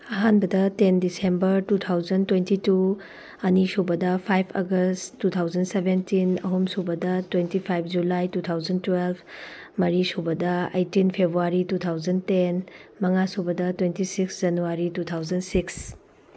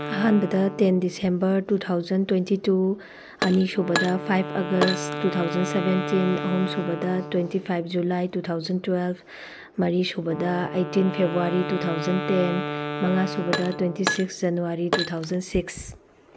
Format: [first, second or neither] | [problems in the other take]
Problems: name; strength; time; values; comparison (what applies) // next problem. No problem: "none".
first | background sound (Glass + Wind instrument, woodwind instrument); 8 dB below the speech